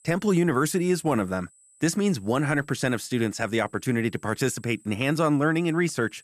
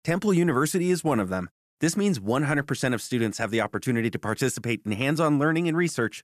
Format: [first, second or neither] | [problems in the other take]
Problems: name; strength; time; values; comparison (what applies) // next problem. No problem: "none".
second | high-pitched whine; faint; throughout; 8 kHz, 30 dB below the speech